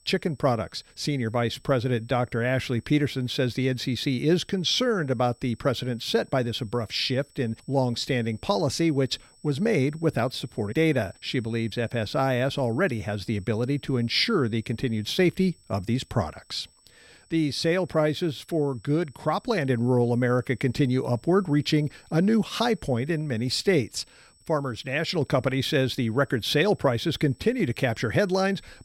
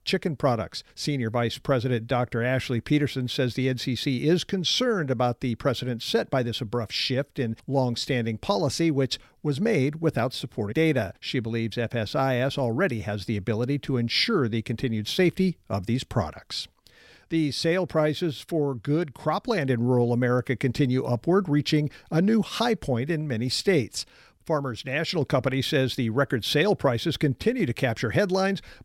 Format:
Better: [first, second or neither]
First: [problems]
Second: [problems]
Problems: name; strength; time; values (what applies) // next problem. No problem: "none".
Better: second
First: high-pitched whine; faint; throughout; 8 kHz, 30 dB below the speech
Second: none